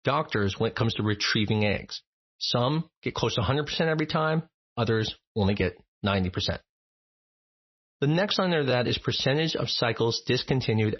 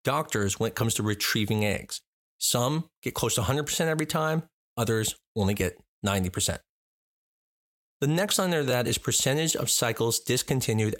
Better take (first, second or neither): second